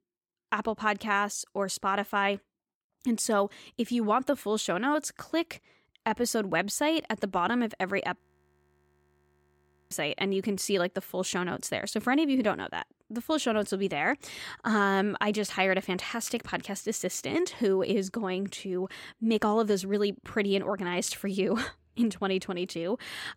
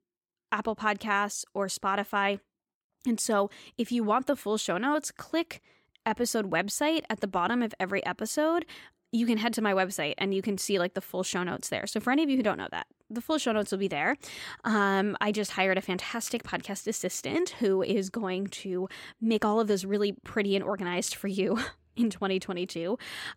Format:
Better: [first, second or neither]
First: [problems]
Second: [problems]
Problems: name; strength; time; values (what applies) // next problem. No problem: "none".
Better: second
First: audio freezing; at 8 s for 1.5 s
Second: none